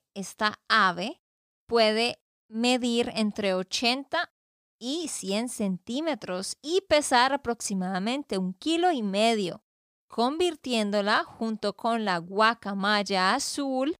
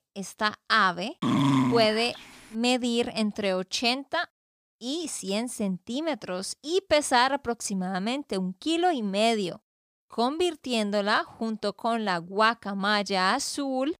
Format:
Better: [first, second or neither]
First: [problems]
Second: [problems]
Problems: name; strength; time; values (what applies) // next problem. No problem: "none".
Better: first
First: none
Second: dog barking; loud; at 1 s; peak 4 dB above the speech